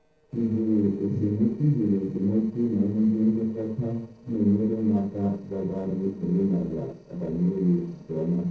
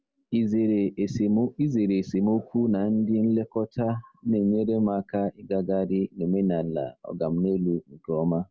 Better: second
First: noise reduction (neural separator model SepFormer DNS4)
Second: none

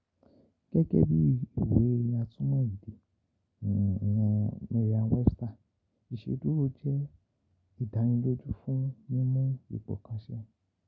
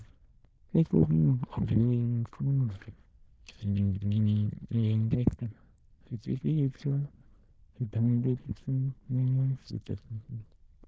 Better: first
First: none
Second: noise reduction (neural diffusion model UNIVERSE++)

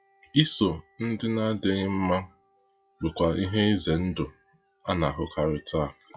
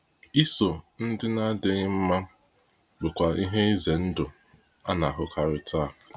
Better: second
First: noise reduction (classical method log-MMSE)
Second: none

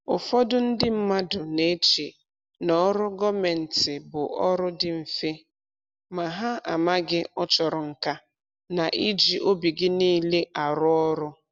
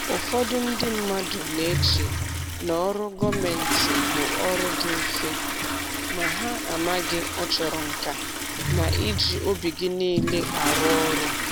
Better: first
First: none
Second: background sound (Toilet flush); 1 dB above the speech

